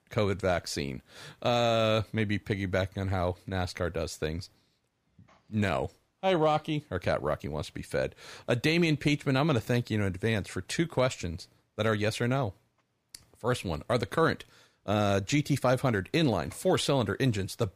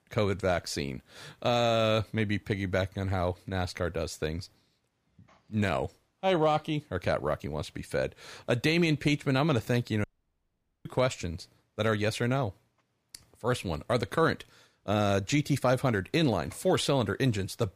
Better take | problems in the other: first | audio cutting out; at 10 s for 1 s

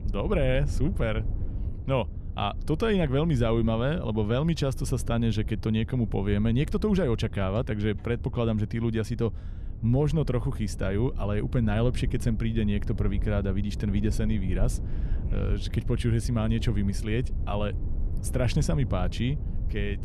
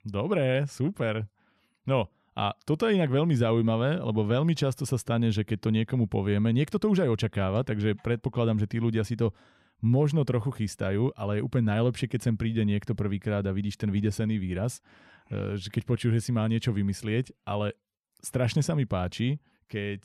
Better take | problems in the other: second | low rumble; noticeable; throughout; 15 dB below the speech

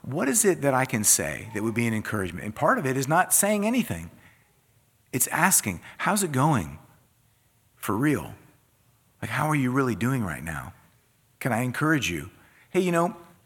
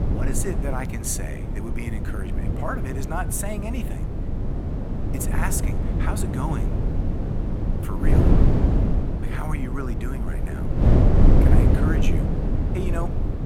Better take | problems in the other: first | wind noise on the microphone; heavy; 1 dB above the speech

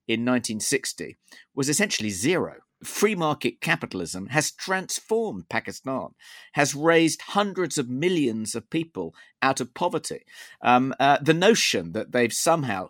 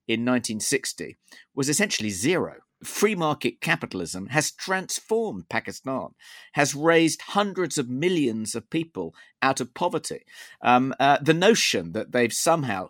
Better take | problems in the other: neither | none

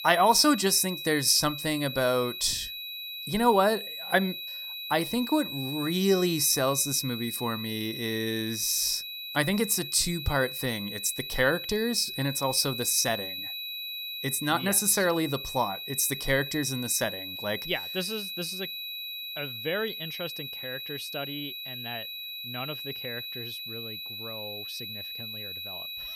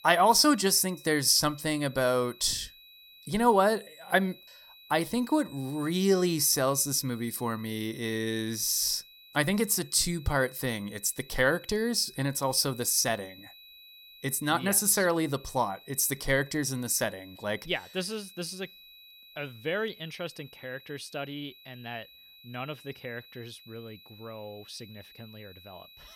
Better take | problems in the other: second | high-pitched whine; loud; throughout; 4 kHz, 8 dB below the speech; faint in the second

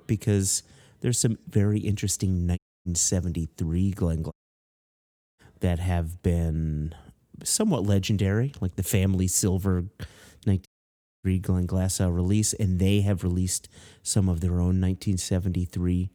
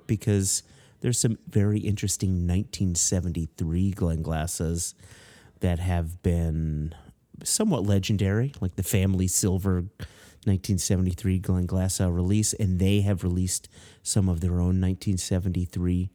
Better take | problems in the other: second | audio cutting out; at 2.5 s, at 4.5 s for 1 s and at 11 s for 0.5 s

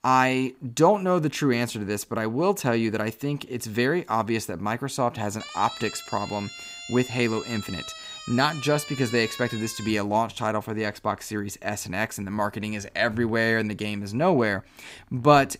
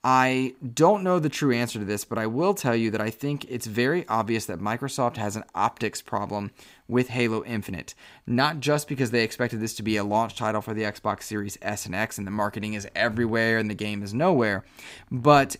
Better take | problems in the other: second | siren; faint; from 5.5 to 10 s; peak 10 dB below the speech

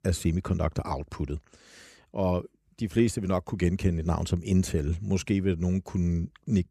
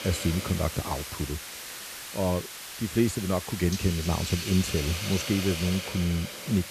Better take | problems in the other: first | hiss; loud; throughout; 6 dB below the speech

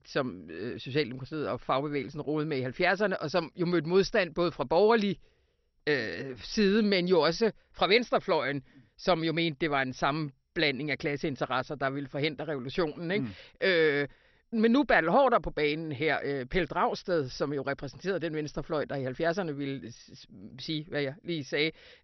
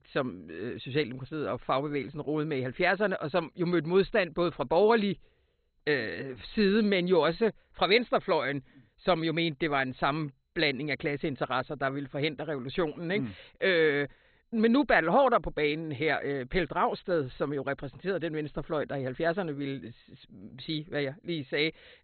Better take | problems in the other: first | garbled, watery; badly; nothing above 4 kHz; slightly in the first

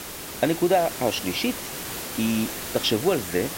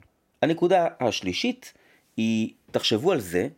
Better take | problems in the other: second | hiss; loud; throughout; 7 dB below the speech

